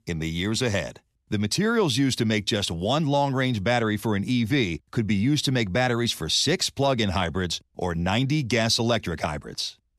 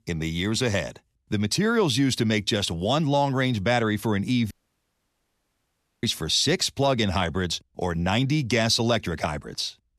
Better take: first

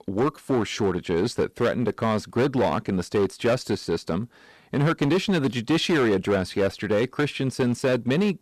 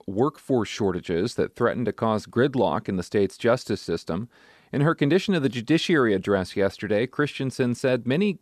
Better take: second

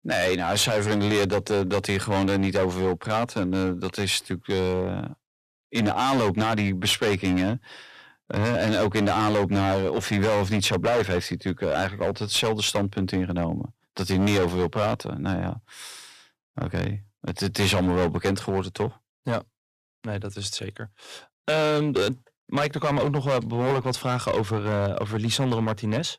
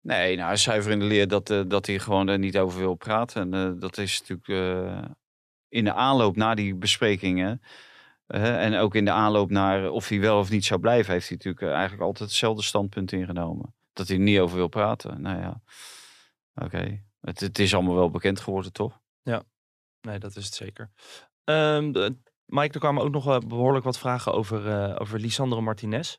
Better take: second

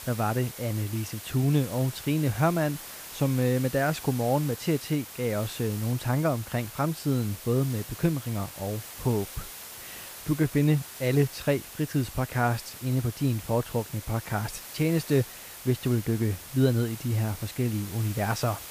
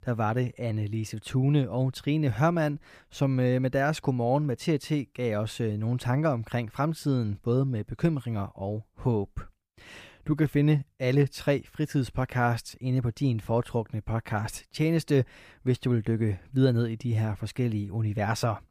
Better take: second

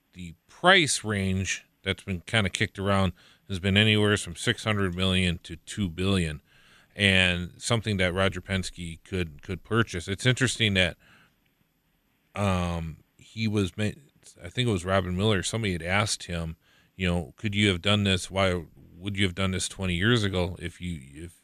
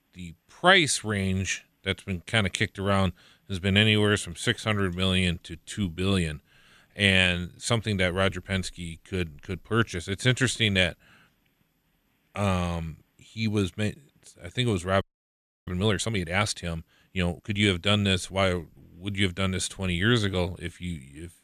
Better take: first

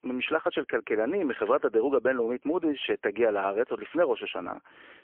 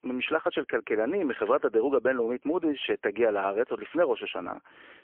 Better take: neither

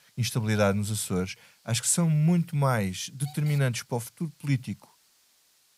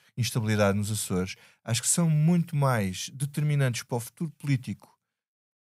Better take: second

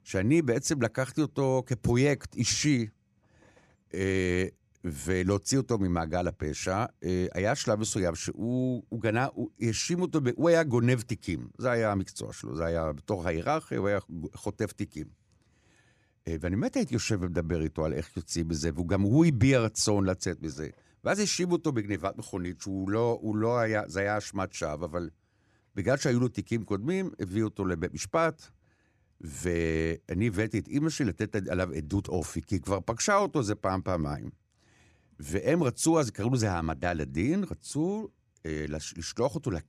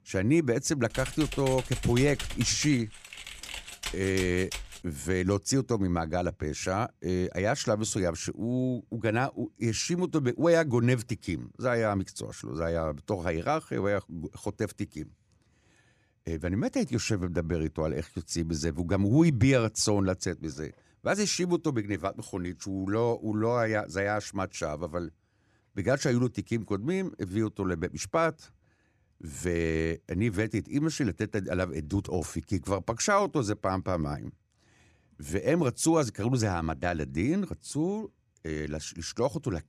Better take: first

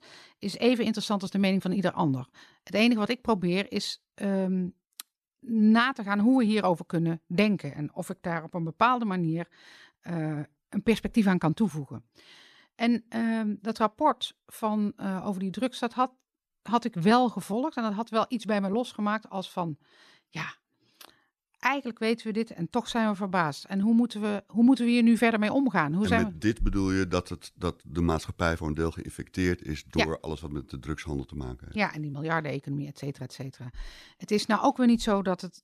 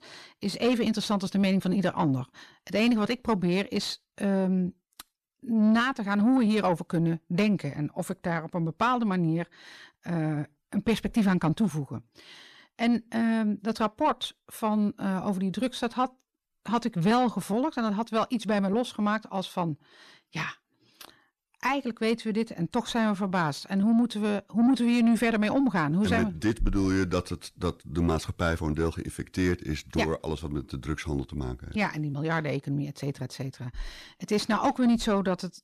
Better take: first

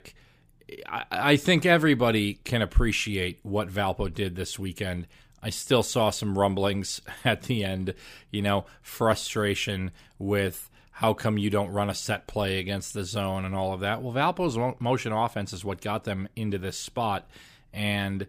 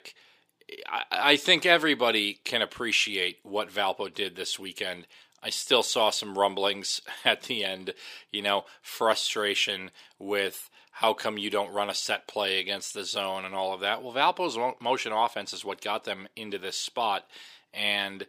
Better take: first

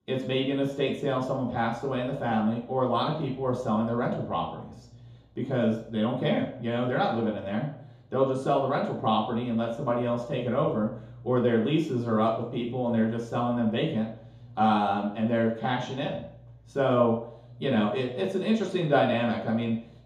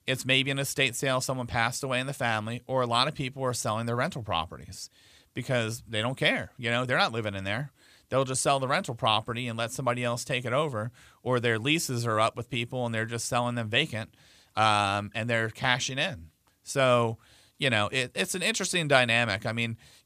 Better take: second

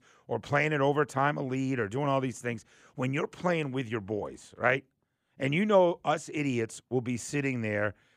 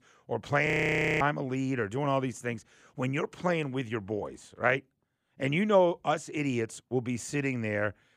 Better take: first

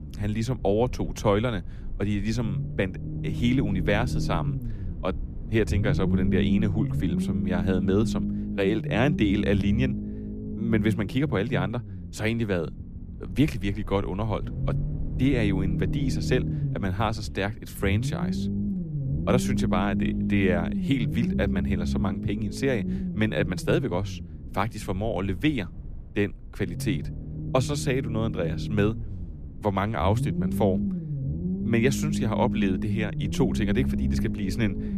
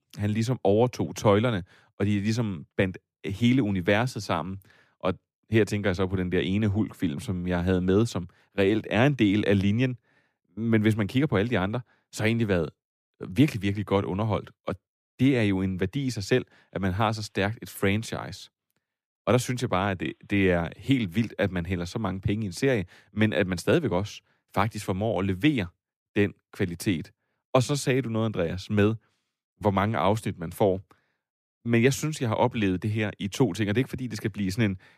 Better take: second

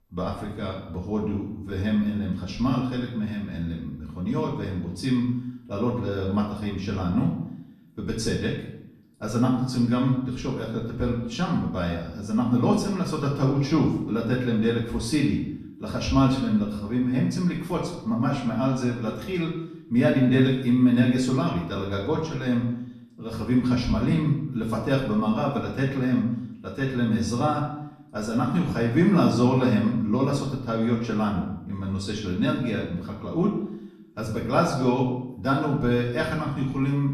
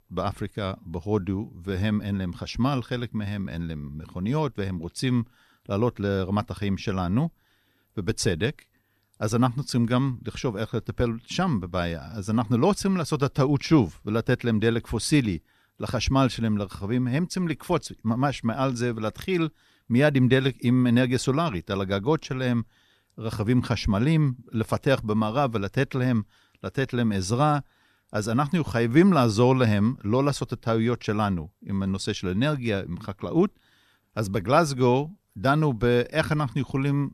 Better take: second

